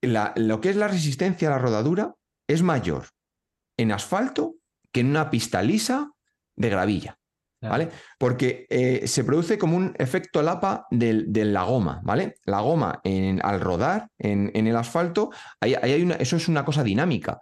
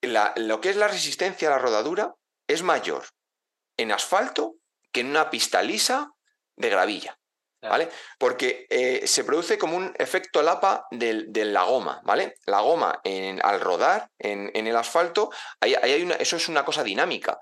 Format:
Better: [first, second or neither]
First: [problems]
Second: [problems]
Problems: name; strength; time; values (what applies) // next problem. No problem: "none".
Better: first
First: none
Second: thin; very; fading below 450 Hz